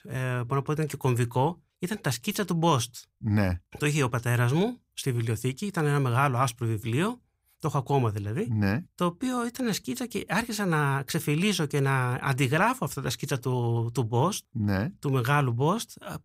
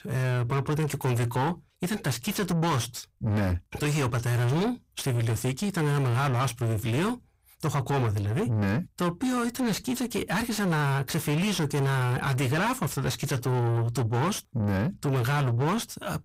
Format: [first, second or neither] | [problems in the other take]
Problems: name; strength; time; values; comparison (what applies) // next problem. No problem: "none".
first | distortion; heavy; 7 dB below the speech